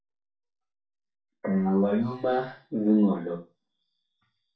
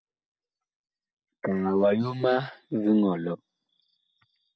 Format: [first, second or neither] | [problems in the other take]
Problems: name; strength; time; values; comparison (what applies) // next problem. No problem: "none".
second | room echo; dies away in 0.3 s